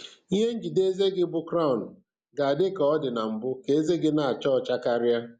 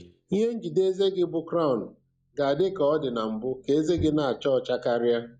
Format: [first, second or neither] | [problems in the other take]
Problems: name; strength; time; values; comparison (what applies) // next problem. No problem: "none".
first | noise reduction (neural mask model DeepFilterNet 3)